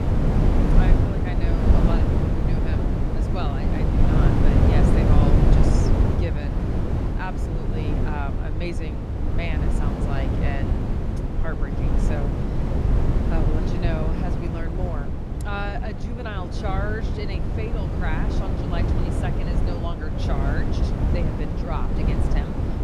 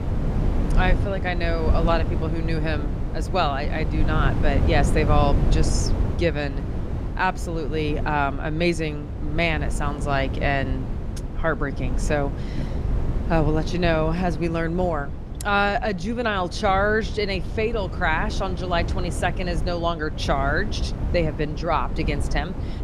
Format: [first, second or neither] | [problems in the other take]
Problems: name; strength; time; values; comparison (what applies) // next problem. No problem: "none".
second | wind noise on the microphone; heavy; 3 dB above the speech; occasional gusts in the second